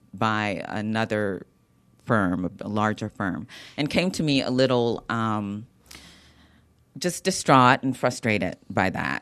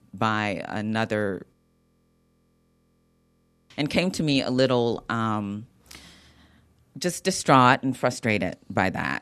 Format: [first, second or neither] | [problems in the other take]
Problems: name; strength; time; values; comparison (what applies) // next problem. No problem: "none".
first | audio freezing; at 1.5 s for 2 s